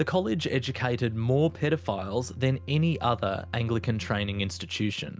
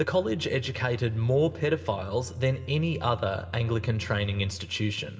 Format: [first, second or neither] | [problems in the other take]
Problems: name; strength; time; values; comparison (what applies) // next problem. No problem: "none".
first | room echo; dies away in 1.5 s